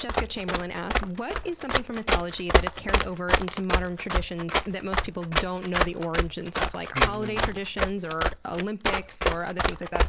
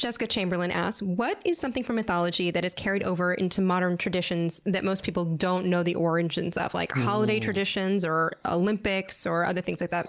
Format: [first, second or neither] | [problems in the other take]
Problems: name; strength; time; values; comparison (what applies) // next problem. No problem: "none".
second | background sound (Run); 4 dB above the speech